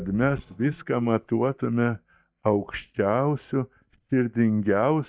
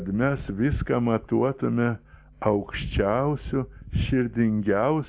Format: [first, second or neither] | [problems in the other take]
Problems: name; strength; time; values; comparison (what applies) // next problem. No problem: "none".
second | noise reduction (neural mask model DeepFilterNet 3)